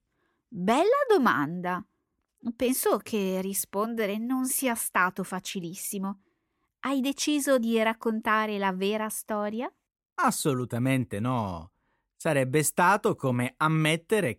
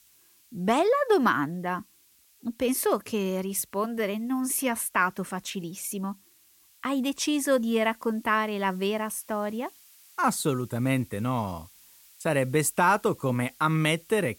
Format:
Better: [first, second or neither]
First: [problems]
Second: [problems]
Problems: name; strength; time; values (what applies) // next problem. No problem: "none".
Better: first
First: none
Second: hiss; faint; throughout; 25 dB below the speech